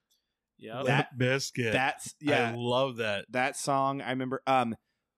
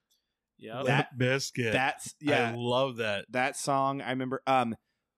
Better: neither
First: none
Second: none

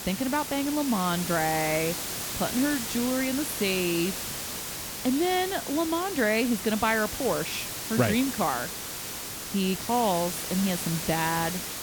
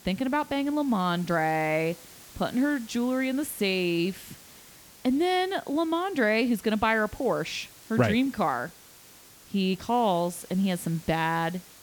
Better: second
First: hiss; loud; throughout; 4 dB below the speech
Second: hiss; faint; throughout; 20 dB below the speech

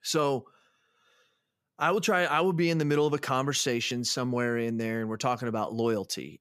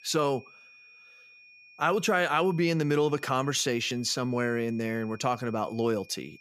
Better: first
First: none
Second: high-pitched whine; faint; throughout; 2.5 kHz, 25 dB below the speech

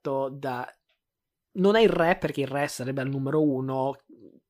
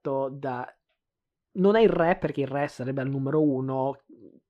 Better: first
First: none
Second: muffled; slightly; fading above 1.5 kHz

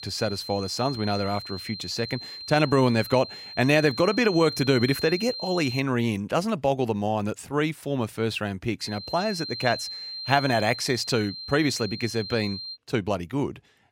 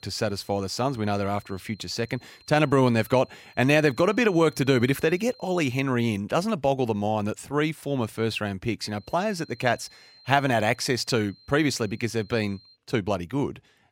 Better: second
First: high-pitched whine; loud; until 6 s and from 9 to 13 s; 4 kHz, 9 dB below the speech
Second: high-pitched whine; faint; until 6 s and from 9 to 13 s; 4 kHz, 25 dB below the speech

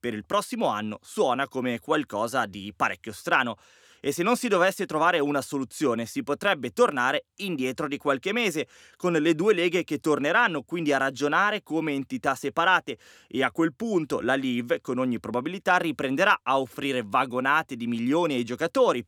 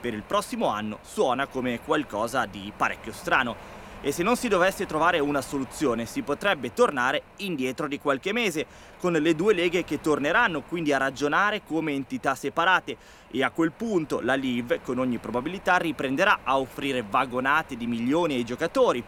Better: first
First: none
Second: wind noise on the microphone; occasional gusts; 20 dB below the speech

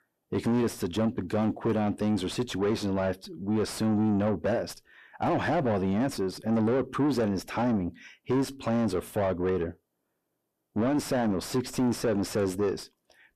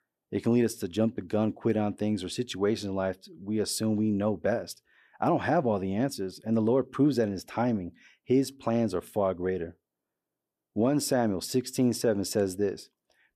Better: second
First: distortion; heavy; 7 dB below the speech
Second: none

